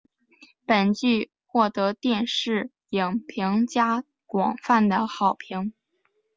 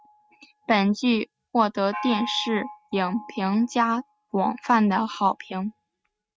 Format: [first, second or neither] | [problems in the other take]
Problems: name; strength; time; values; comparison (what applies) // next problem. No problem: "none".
first | noise reduction (neural mask model RNNoise)